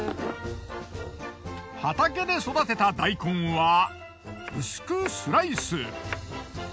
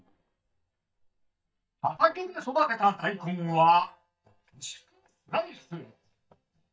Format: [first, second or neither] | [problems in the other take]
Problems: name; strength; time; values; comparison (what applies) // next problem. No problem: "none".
first | noise reduction (neural mask model DeepFilterNet 3)